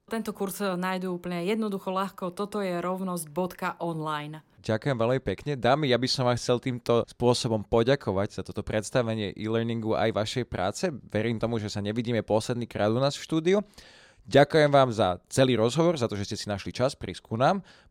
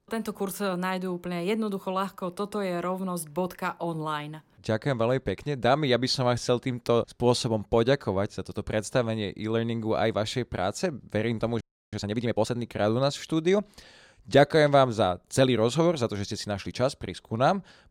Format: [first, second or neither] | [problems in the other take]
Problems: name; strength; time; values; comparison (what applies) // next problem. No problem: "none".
first | audio freezing; at 12 s